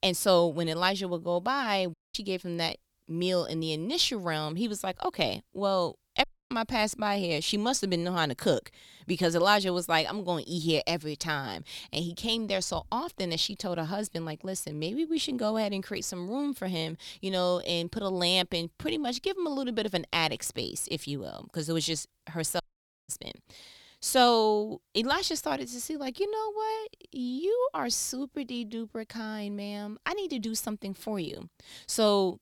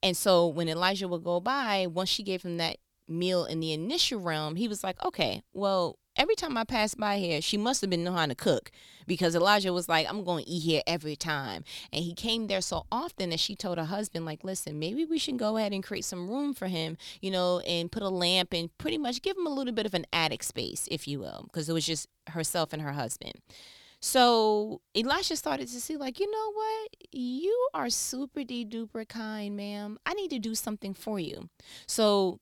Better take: second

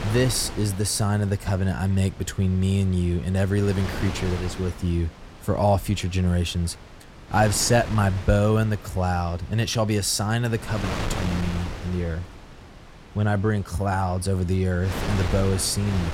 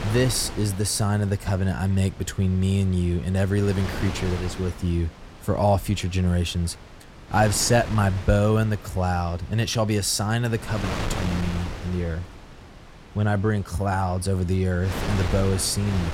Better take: neither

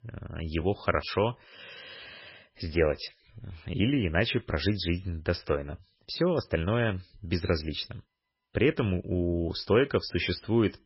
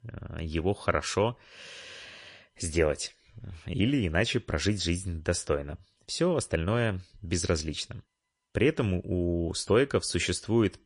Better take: second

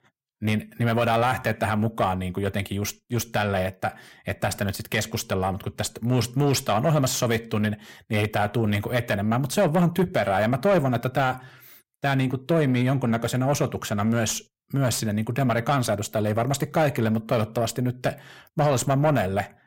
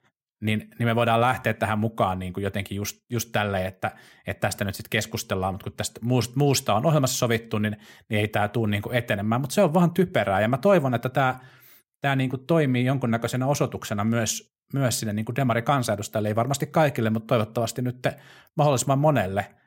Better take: second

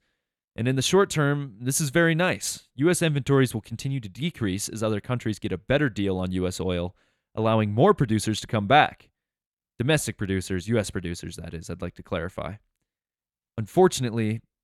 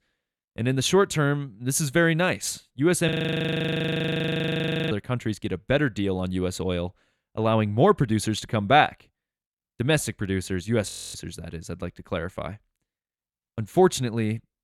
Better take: first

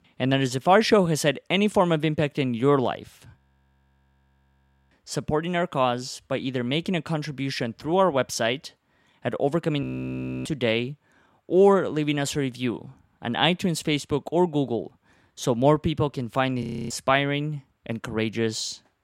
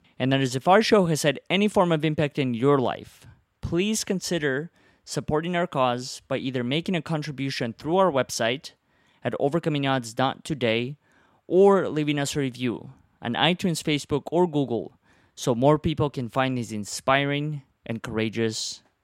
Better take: second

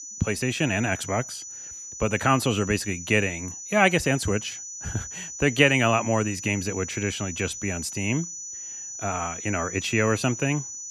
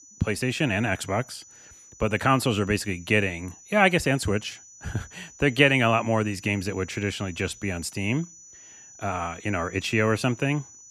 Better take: second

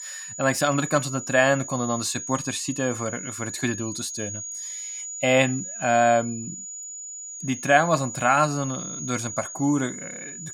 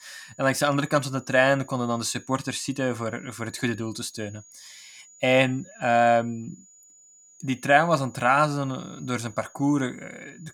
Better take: second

